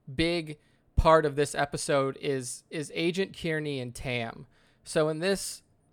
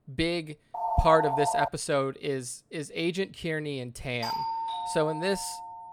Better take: first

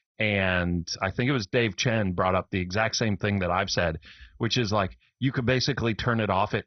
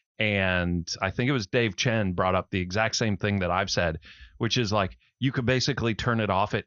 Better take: second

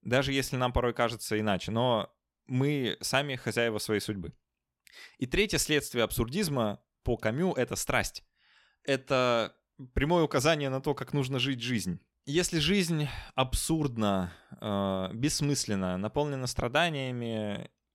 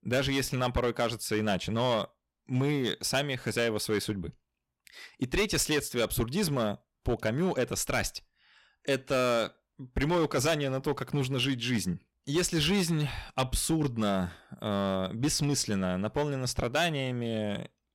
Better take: first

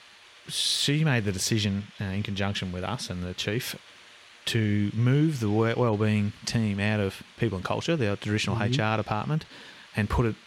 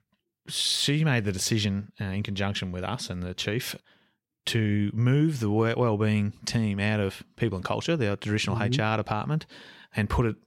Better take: second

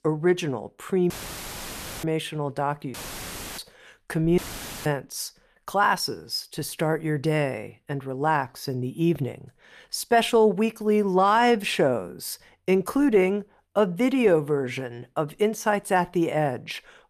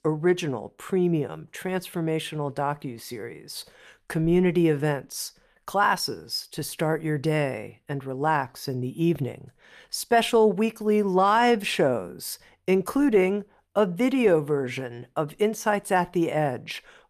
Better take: second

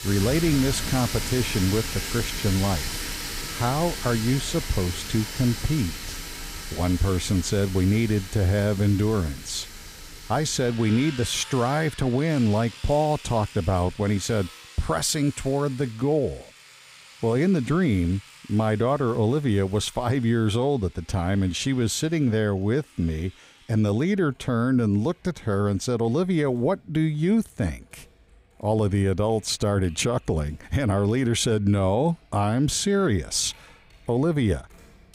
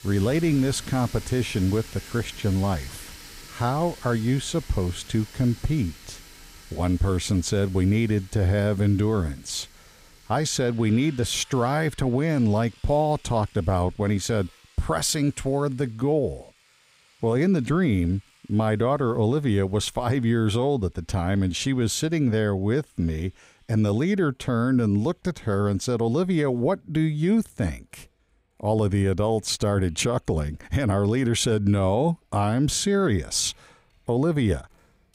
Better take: second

